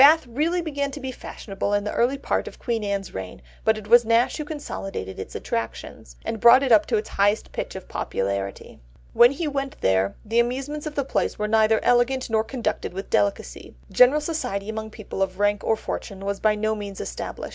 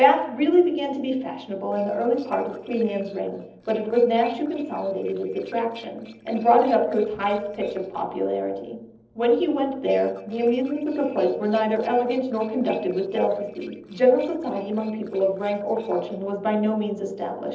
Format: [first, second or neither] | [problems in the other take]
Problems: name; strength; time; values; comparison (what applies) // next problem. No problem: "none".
first | noise reduction (neural separator model SepFormer DNS4)